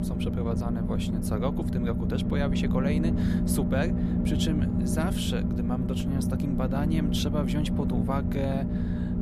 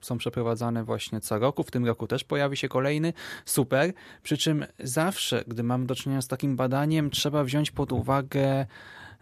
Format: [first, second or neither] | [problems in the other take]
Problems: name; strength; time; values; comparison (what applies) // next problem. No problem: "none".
second | low rumble; loud; throughout; 1 dB below the speech